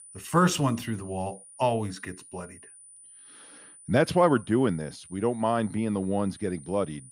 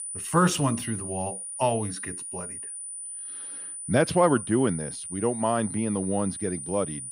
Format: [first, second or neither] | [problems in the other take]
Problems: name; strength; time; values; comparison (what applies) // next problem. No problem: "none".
first | high-pitched whine; loud; throughout; 9.5 kHz, 8 dB below the speech; faint in the first